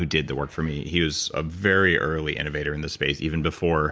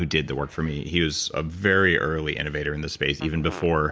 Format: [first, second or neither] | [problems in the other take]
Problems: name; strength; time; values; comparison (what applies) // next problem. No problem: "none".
first | background sound (Fart); 18 dB below the speech